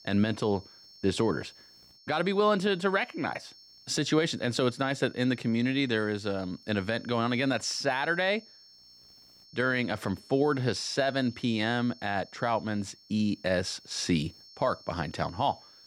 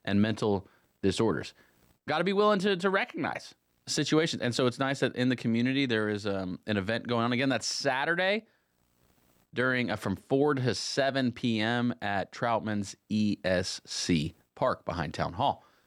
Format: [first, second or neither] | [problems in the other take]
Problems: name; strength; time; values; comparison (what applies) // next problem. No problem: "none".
second | high-pitched whine; faint; throughout; 5.5 kHz, 25 dB below the speech